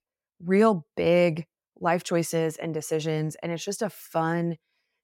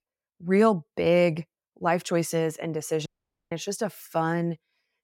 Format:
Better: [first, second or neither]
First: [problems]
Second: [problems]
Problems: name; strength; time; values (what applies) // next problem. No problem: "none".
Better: first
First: none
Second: audio cutting out; at 3 s